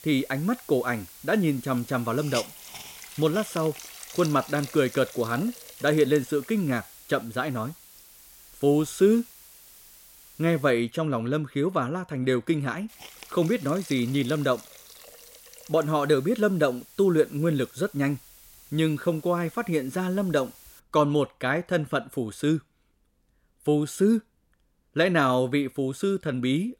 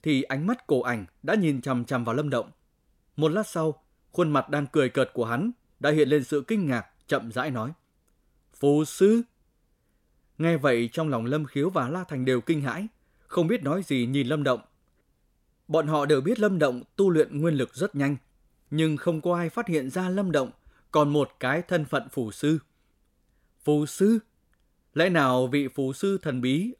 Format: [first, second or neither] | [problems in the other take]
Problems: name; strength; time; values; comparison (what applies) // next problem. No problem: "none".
second | hiss; noticeable; until 11 s and from 13 to 21 s; 15 dB below the speech